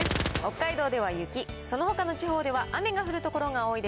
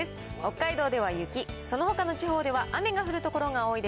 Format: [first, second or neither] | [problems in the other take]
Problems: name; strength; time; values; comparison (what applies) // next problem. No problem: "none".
second | background sound (Gunshot, gunfire); 9 dB below the speech